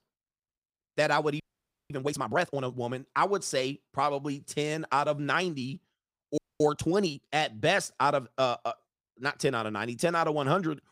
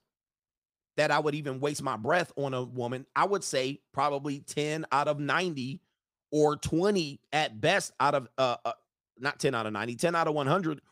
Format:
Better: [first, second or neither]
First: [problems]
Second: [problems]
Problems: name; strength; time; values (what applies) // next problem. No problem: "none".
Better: second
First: audio freezing; at 1.5 s for 0.5 s and at 6.5 s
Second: none